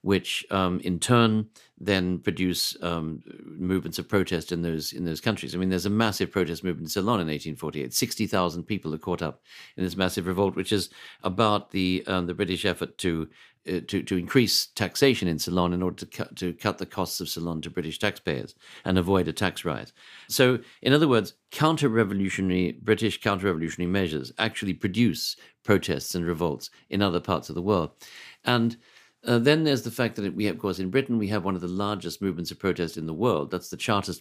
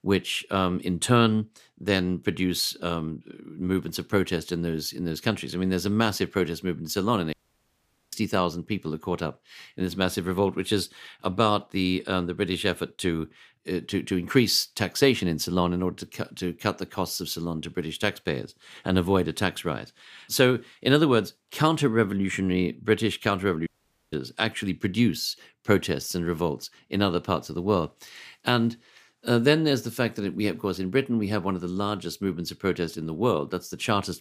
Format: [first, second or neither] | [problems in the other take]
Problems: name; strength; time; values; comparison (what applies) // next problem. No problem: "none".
first | audio cutting out; at 7.5 s for 1 s and at 24 s